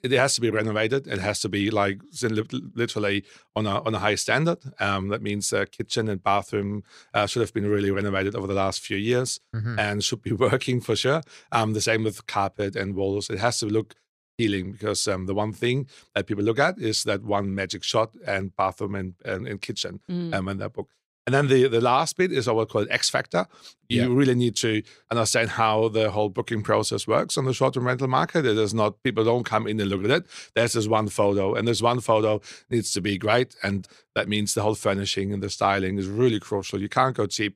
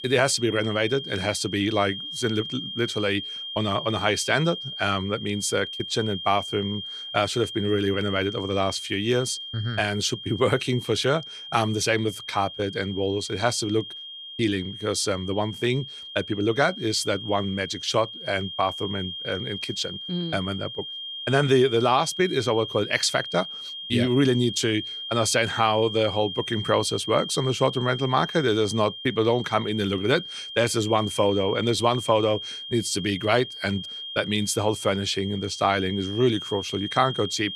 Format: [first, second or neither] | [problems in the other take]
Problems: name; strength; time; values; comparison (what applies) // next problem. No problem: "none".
first | high-pitched whine; loud; throughout; 3 kHz, 9 dB below the speech